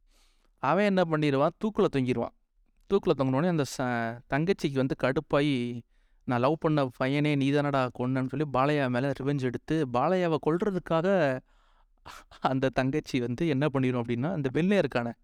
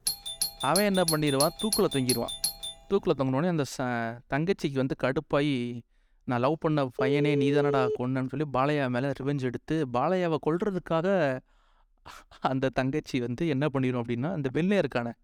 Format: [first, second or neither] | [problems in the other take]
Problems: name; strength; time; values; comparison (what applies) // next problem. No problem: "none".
first | doorbell; loud; until 2.5 s; peak level with the speech // phone ringing; noticeable; at 7 s; peak level with the speech